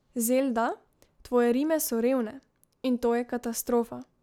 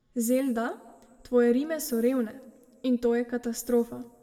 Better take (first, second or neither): first